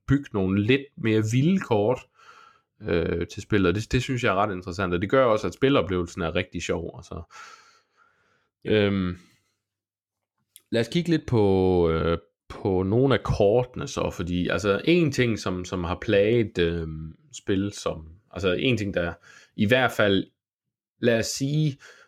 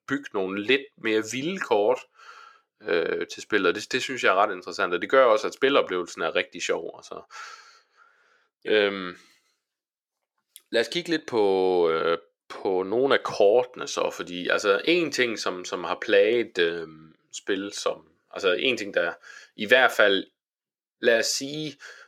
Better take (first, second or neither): first